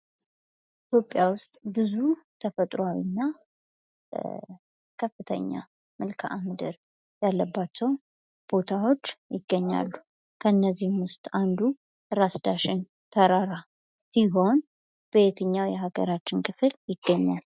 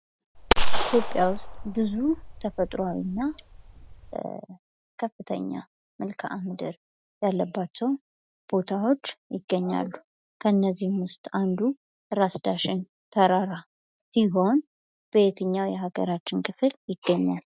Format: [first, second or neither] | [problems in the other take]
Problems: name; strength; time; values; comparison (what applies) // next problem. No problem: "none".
first | background sound (Gunshot, gunfire); 3 dB above the speech